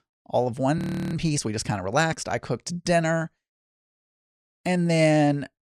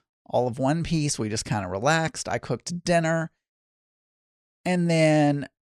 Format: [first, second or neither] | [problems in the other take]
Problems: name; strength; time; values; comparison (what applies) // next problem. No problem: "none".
second | audio freezing; at 1 s